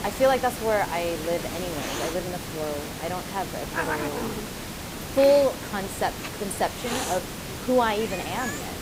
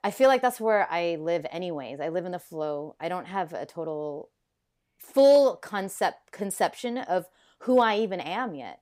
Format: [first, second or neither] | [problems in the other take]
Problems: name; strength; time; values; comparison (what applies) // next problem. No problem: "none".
second | hiss; loud; throughout; 6 dB below the speech